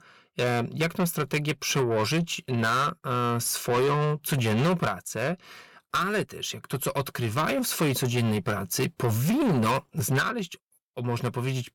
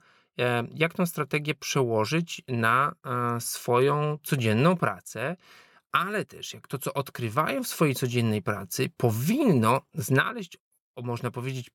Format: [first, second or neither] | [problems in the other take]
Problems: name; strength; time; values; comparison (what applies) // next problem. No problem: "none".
second | distortion; heavy; 7 dB below the speech